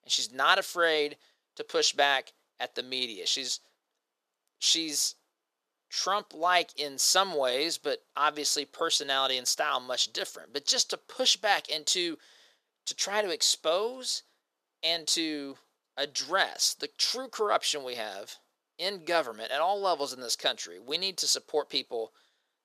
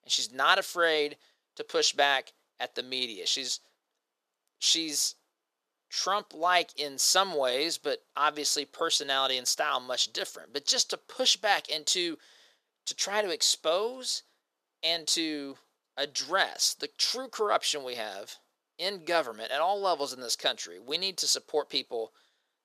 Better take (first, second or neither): neither